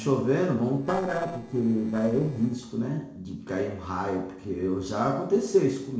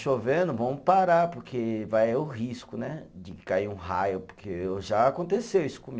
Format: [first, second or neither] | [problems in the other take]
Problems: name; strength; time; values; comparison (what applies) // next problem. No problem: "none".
second | noise reduction (neural separator model SepFormer DNS4)